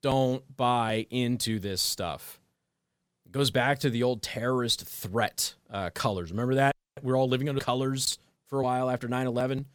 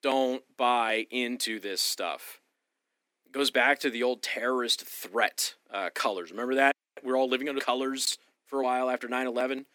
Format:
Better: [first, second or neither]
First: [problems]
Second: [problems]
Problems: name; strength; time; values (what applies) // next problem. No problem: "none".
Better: first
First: none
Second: thin; very slightly; fading below 250 Hz